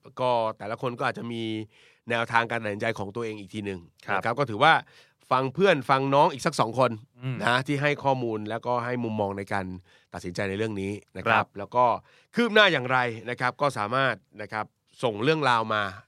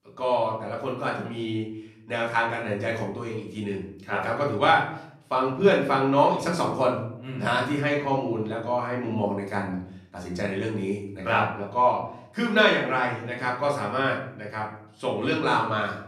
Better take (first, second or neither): first